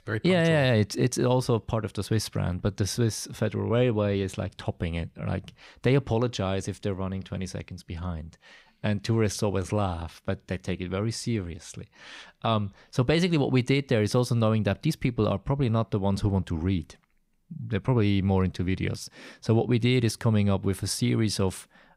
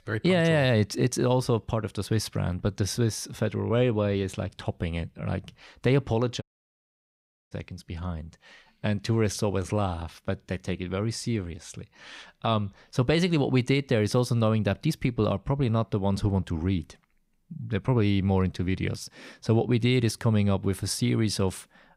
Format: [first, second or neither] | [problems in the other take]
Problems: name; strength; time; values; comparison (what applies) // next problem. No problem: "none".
first | audio cutting out; at 6.5 s for 1 s